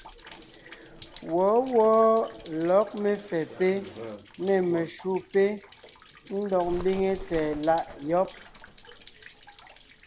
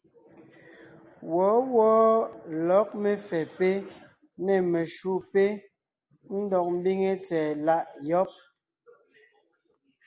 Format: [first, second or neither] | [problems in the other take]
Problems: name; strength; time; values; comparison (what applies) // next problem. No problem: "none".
second | background sound (Rain + Bird); 18 dB below the speech